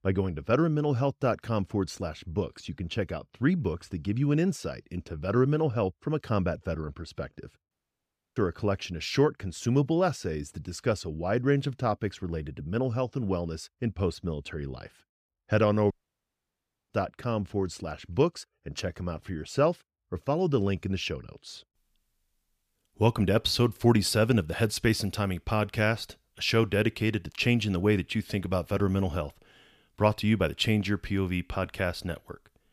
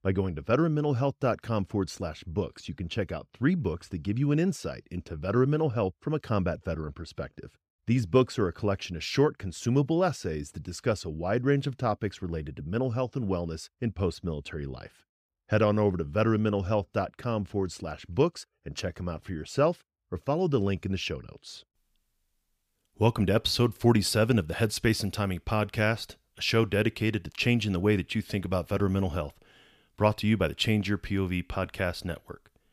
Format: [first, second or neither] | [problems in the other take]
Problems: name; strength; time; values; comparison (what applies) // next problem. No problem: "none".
second | audio cutting out; at 7.5 s for 0.5 s and at 16 s for 1 s